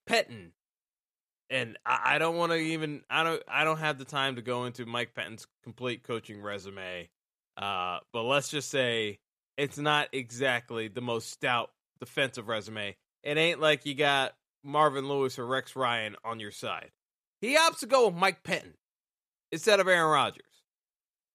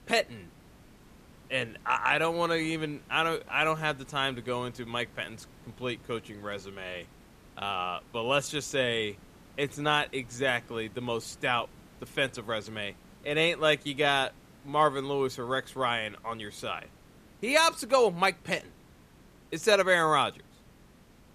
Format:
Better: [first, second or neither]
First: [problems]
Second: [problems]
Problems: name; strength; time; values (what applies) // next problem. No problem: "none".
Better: first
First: none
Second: hiss; faint; throughout; 25 dB below the speech